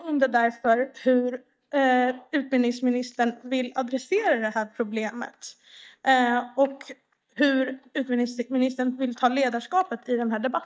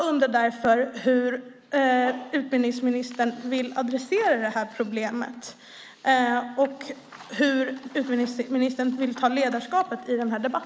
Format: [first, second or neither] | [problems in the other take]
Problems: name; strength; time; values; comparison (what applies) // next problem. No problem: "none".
second | noise reduction (neural mask model DeepFilterNet 3)